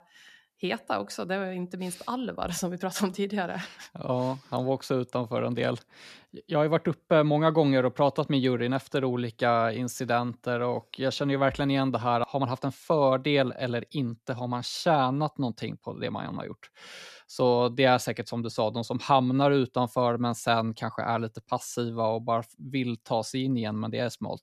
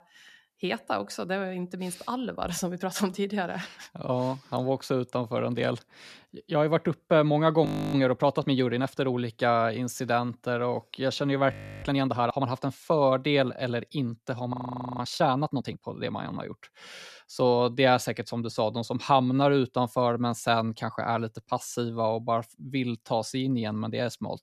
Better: first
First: none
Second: audio freezing; at 7.5 s, at 12 s and at 15 s

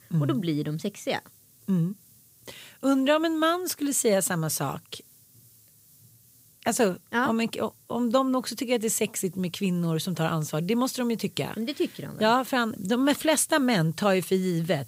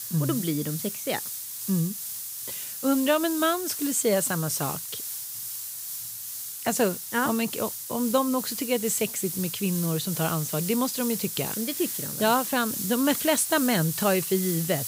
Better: first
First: hiss; faint; throughout; 25 dB below the speech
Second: hiss; loud; throughout; 5 dB below the speech

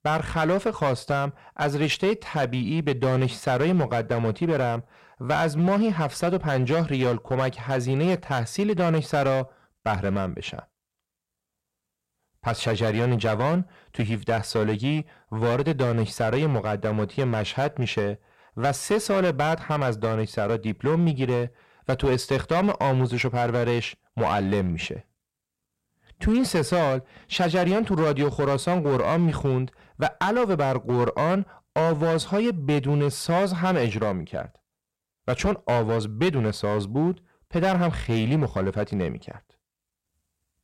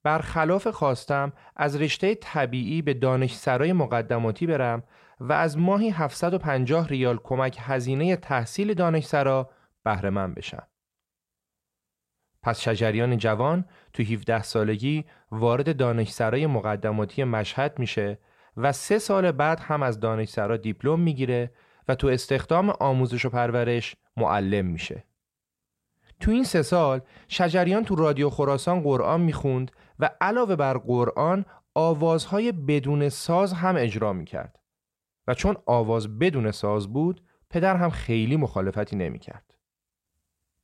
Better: second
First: distortion; slight; 9% of the sound clipped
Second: none

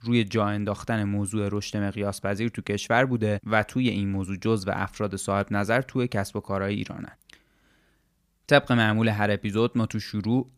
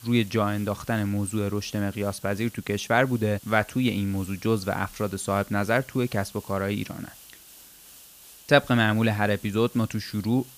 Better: first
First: none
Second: hiss; faint; throughout; 20 dB below the speech

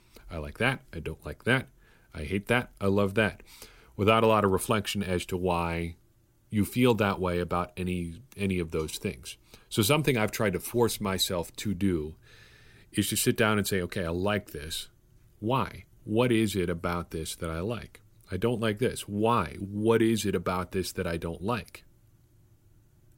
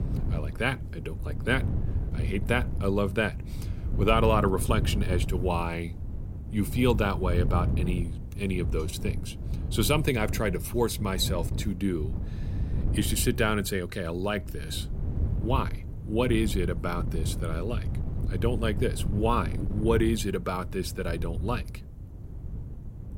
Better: first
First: none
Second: wind noise on the microphone; occasional gusts; 15 dB below the speech

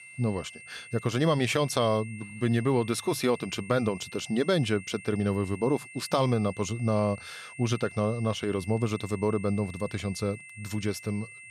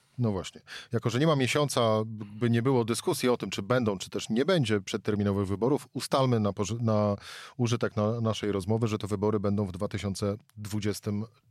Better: second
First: high-pitched whine; noticeable; throughout; 2 kHz, 15 dB below the speech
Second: none

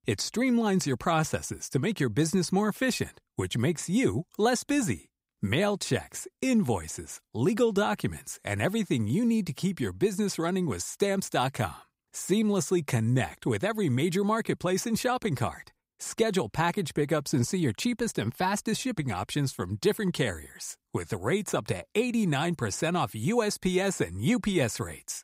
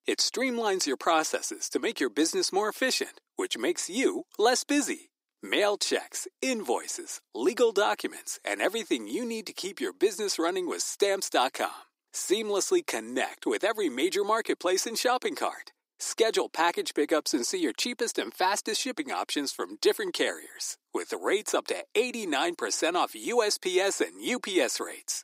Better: first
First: none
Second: thin; somewhat; fading below 300 Hz

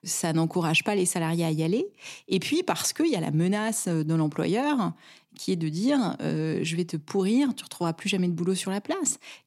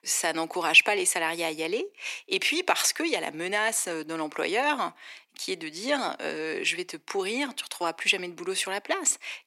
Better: first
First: none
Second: thin; very; fading below 450 Hz

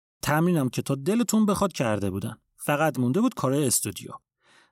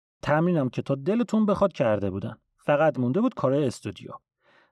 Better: first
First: none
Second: muffled; very; fading above 3 kHz

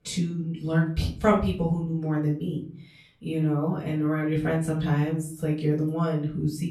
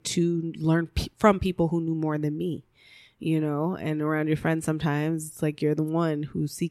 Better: second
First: off-mic speech; far // room echo; slight; dies away in 0.4 s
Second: none

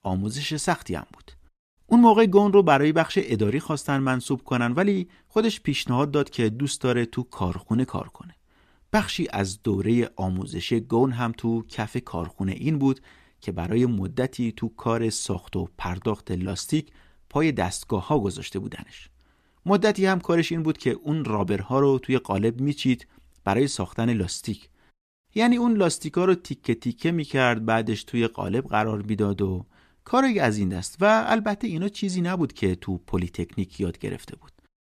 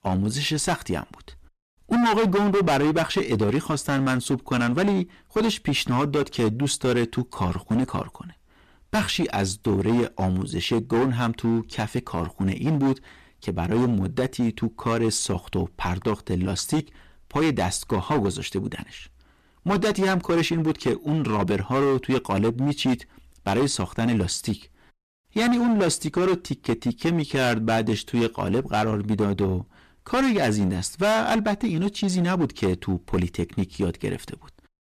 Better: first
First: none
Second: distortion; heavy; 13% of the sound clipped

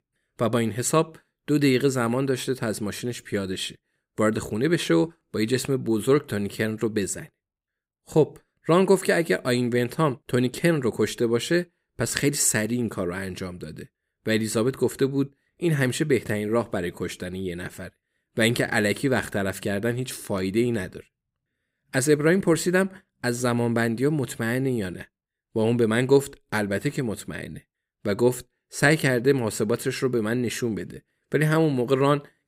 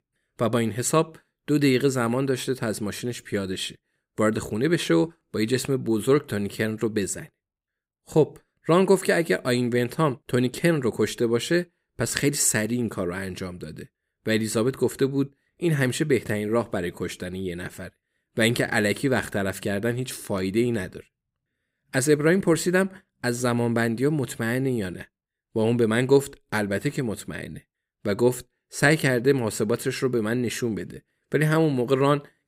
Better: neither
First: none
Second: none

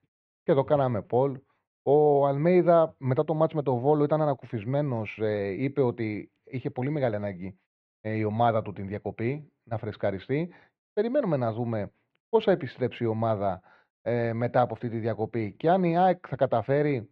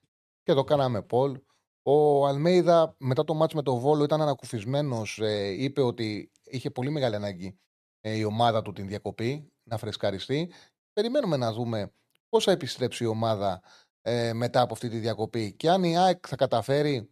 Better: second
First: muffled; very; fading above 2.5 kHz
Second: none

